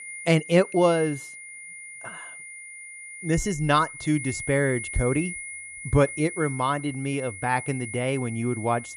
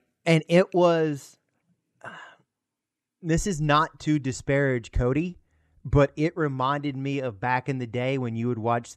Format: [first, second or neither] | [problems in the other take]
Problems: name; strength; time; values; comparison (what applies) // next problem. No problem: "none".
second | high-pitched whine; noticeable; throughout; 2 kHz, 10 dB below the speech